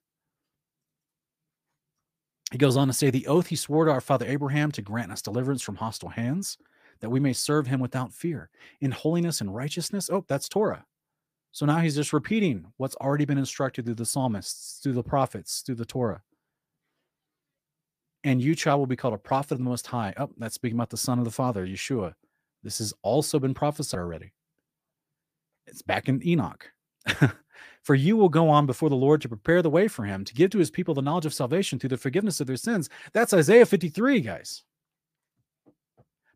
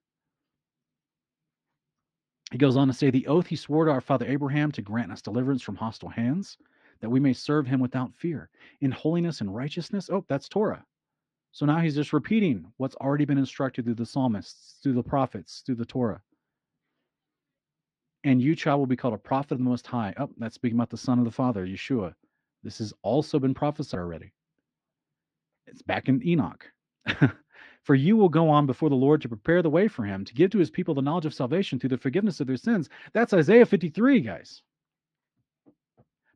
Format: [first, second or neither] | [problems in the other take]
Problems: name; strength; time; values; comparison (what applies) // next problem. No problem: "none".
first | muffled; slightly; fading above 4 kHz